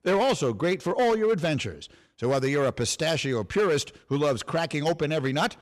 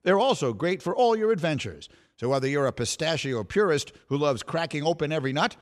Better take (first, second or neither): second